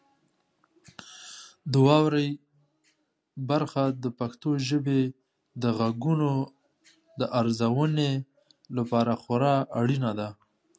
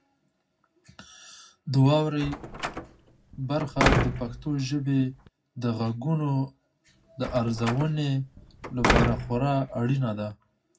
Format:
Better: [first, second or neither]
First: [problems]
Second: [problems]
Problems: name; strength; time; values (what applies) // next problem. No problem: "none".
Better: first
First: none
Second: background sound (Slam); 2 dB below the speech // room echo; dies away in 0.4 s